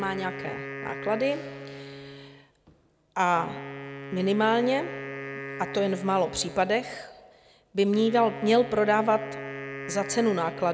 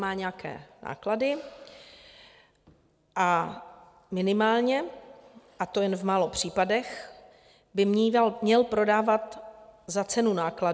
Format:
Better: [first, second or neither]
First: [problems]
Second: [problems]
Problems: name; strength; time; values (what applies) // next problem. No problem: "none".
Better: second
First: background sound (Wind instrument, woodwind instrument); 12 dB below the speech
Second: none